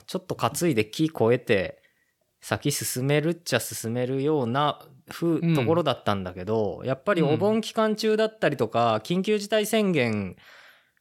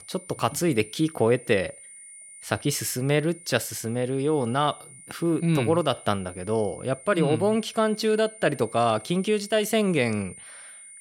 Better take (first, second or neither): first